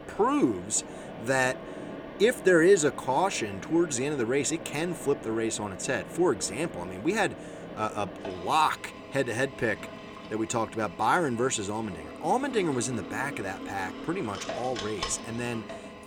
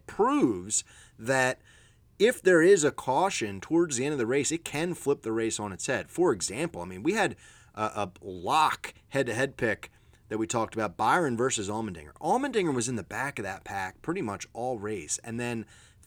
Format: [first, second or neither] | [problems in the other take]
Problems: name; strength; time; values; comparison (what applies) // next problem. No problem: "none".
second | machinery noise; noticeable; throughout; 10 dB below the speech